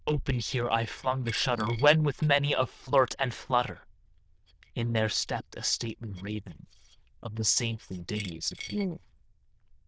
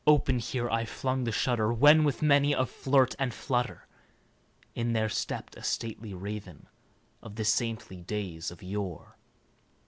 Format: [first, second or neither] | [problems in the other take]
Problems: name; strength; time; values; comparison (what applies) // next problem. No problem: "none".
second | noise reduction (neural diffusion model UNIVERSE++)